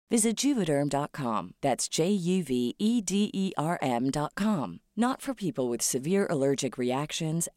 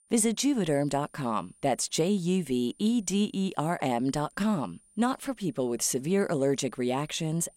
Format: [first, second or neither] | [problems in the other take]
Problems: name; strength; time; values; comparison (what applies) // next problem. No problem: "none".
first | high-pitched whine; faint; throughout; 9 kHz, 30 dB below the speech